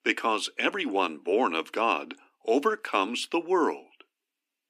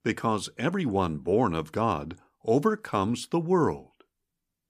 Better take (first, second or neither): second